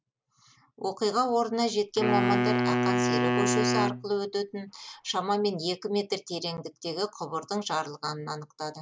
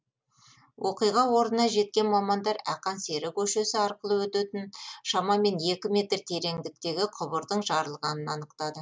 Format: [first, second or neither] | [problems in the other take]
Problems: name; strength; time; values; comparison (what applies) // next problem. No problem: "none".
second | background sound (Wind instrument, woodwind instrument); 3 dB above the speech